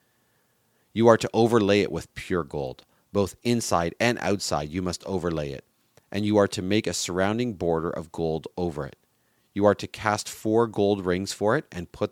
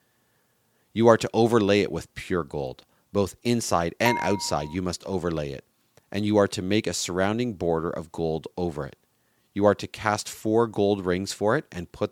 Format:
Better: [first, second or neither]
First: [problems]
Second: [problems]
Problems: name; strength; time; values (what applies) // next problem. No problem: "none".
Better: first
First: none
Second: clattering dishes; noticeable; at 4 s; peak 4 dB below the speech